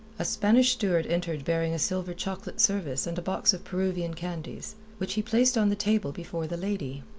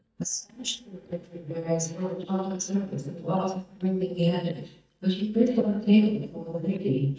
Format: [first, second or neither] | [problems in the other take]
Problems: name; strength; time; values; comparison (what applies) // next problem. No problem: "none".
first | noise reduction (neural mask model DeepFilterNet 3)